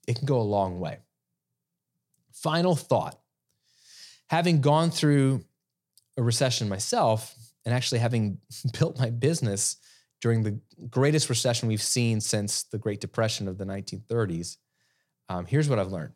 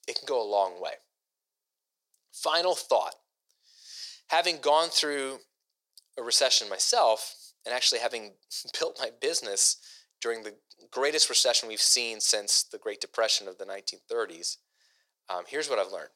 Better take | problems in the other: first | thin; very; fading below 450 Hz

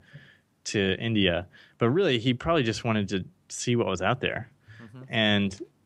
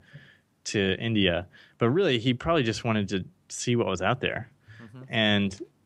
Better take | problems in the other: neither | none

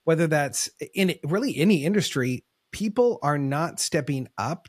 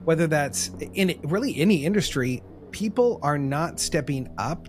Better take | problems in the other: first | low rumble; faint; throughout; 25 dB below the speech

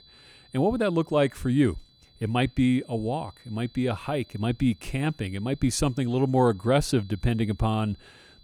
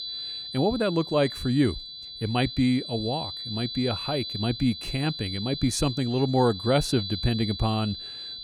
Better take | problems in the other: first | high-pitched whine; loud; throughout; 4 kHz, 7 dB below the speech; faint in the first

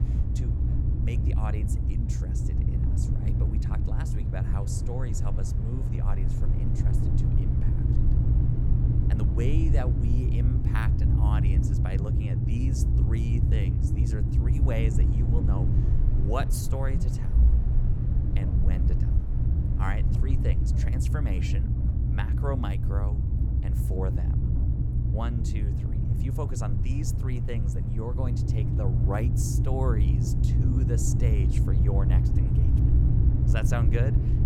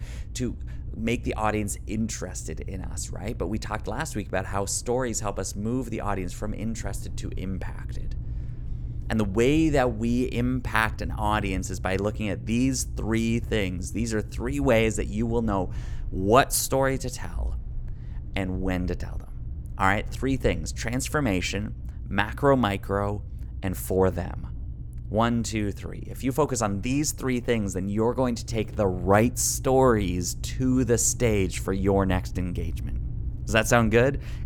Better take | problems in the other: second | low rumble; loud; throughout; as loud as the speech; faint in the second

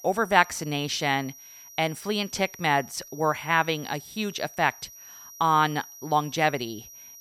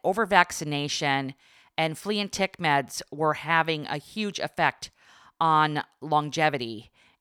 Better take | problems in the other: second | high-pitched whine; noticeable; throughout; 5.5 kHz, 20 dB below the speech

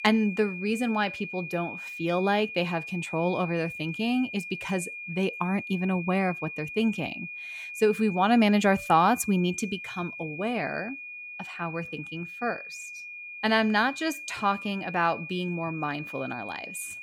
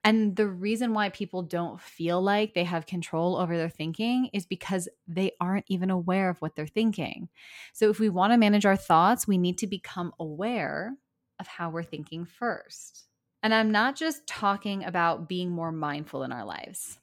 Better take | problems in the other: second | high-pitched whine; loud; throughout; 2.5 kHz, 9 dB below the speech

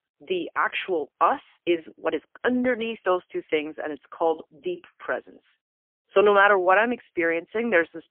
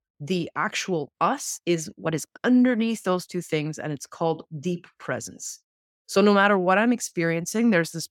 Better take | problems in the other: second | phone-call audio; poor line; nothing above 3 kHz

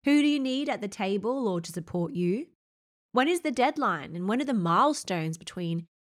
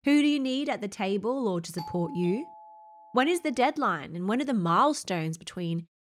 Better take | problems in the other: first | doorbell; faint; from 2 to 3.5 s; peak 15 dB below the speech

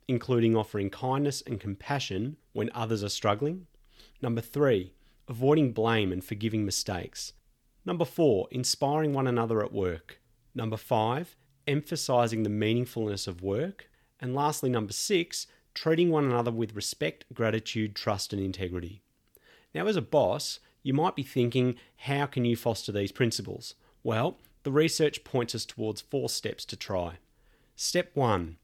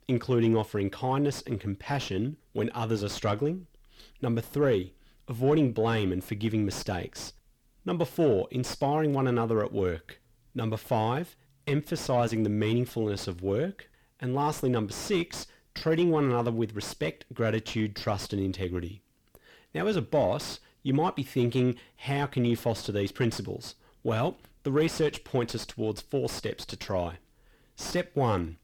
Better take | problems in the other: first | distortion; slight; 10 dB below the speech

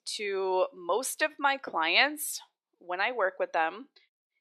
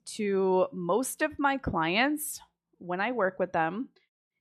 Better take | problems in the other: second | thin; somewhat; fading below 400 Hz

